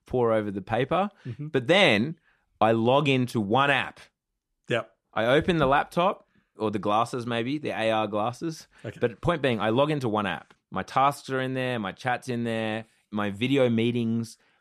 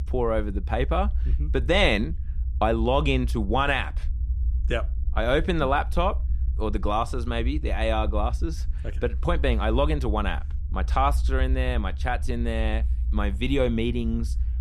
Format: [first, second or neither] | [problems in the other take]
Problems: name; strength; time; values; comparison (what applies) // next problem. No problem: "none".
first | low rumble; faint; throughout; 20 dB below the speech